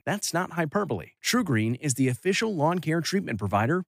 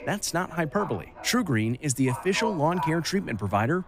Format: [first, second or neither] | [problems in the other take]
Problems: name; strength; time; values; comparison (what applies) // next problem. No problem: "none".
first | animal sounds; noticeable; throughout; 10 dB below the speech